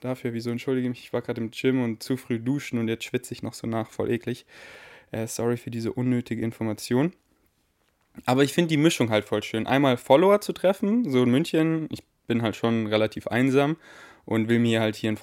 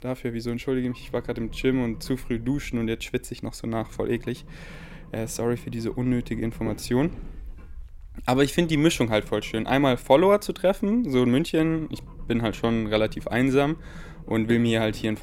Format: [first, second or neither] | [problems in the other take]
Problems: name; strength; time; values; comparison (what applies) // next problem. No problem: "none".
first | low rumble; faint; throughout; 25 dB below the speech